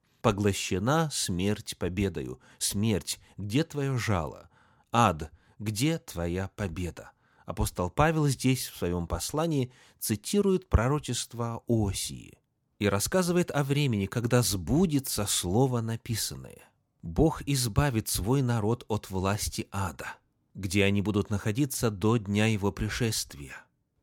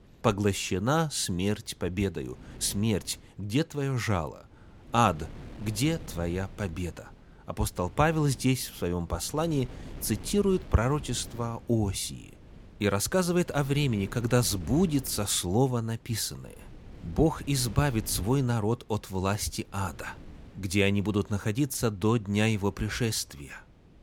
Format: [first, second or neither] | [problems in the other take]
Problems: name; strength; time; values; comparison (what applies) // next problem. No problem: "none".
first | wind noise on the microphone; occasional gusts; 25 dB below the speech